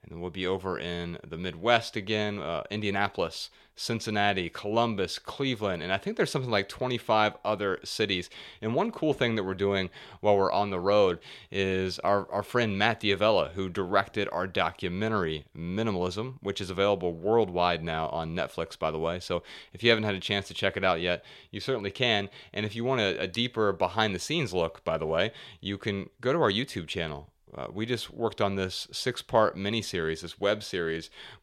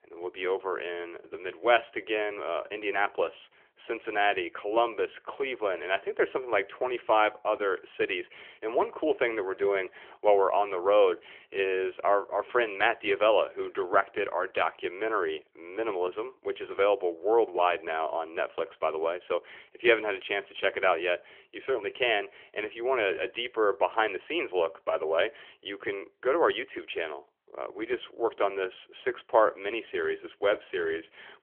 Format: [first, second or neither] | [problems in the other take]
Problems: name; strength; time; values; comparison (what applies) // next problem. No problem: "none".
first | phone-call audio; nothing above 3.5 kHz